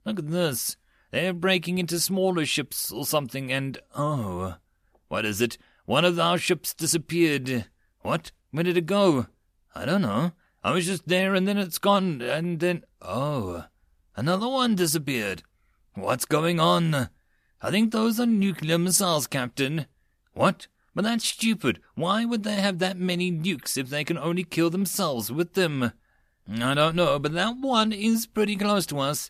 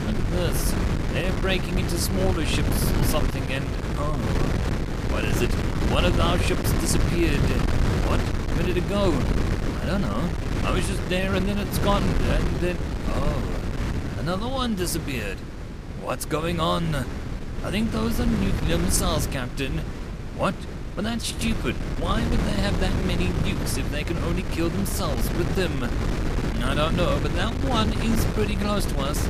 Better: first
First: none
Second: wind noise on the microphone; heavy; 4 dB below the speech

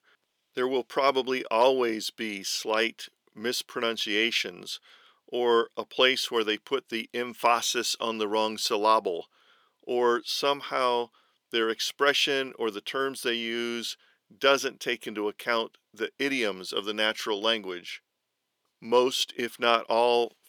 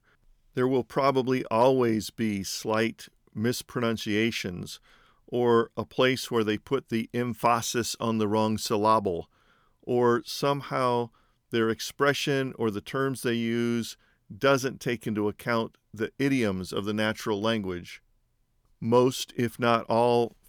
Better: second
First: thin; somewhat; fading below 400 Hz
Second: none

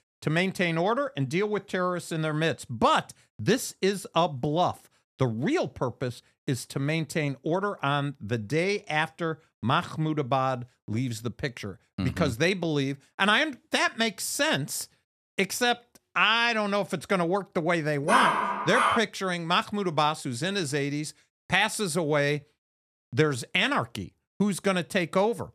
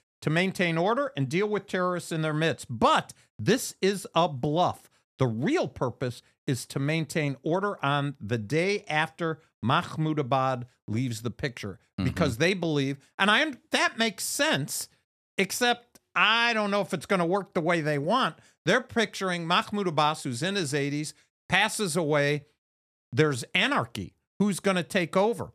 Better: second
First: dog barking; loud; at 18 s; peak 5 dB above the speech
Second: none

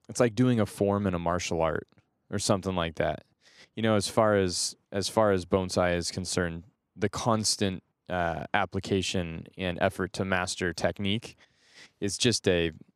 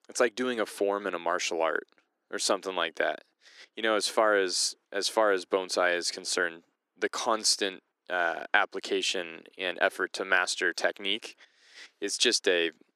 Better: first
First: none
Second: thin; somewhat; fading below 350 Hz

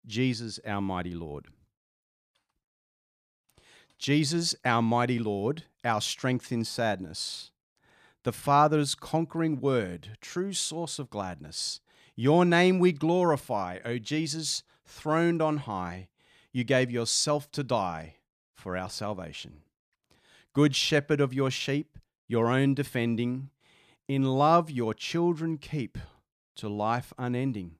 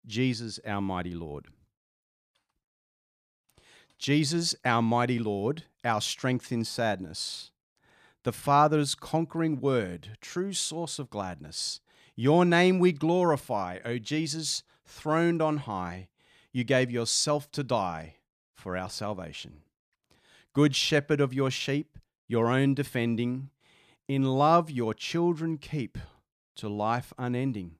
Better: neither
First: none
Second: none

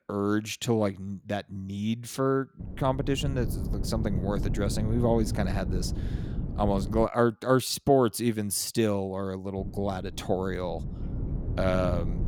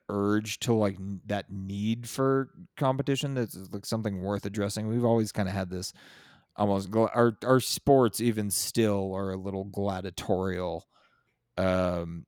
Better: second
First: wind noise on the microphone; occasional gusts; from 2.5 to 7 s and from 9.5 s on; 15 dB below the speech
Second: none

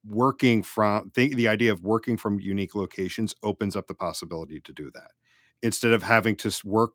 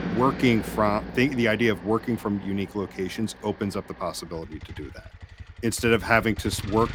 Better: first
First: none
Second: traffic noise; noticeable; throughout; 15 dB below the speech

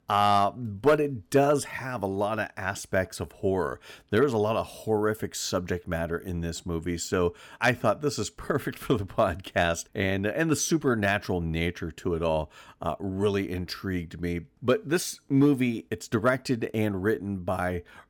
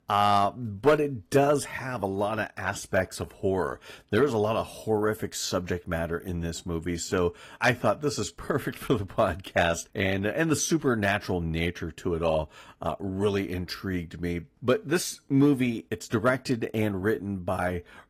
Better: first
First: none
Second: garbled, watery; slightly

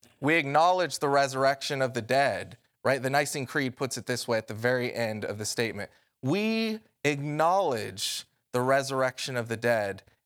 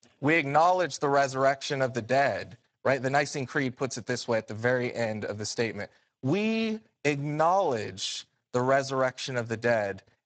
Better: first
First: none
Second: garbled, watery; badly; nothing above 8 kHz

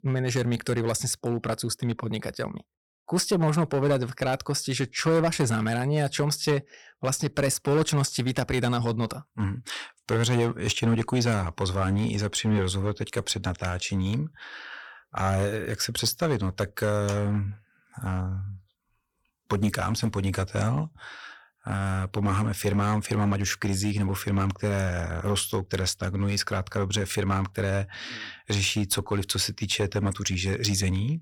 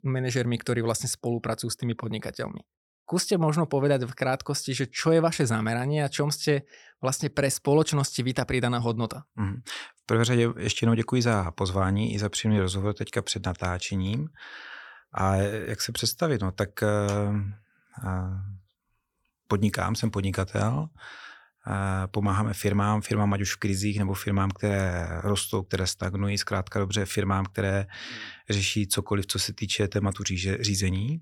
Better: second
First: distortion; slight; 4% of the sound clipped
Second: none

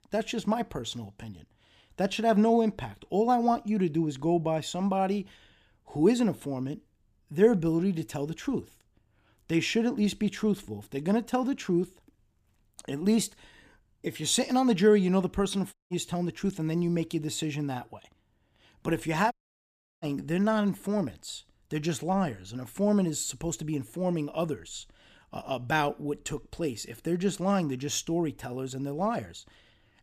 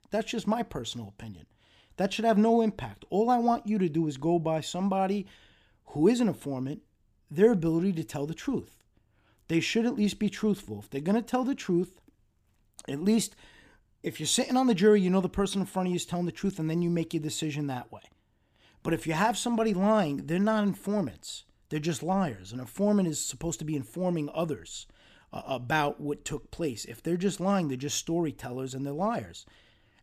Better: second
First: audio cutting out; at 16 s and at 19 s for 0.5 s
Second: none

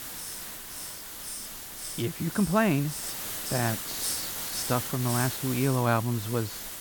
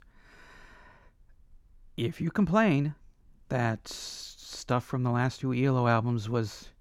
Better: second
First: hiss; loud; throughout; 4 dB below the speech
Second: none

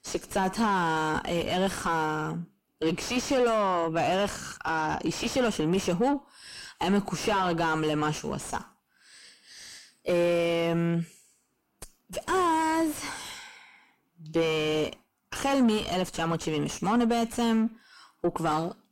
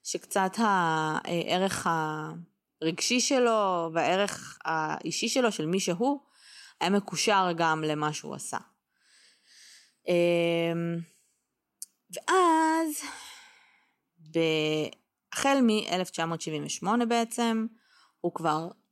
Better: second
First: distortion; heavy; 4 dB below the speech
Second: none

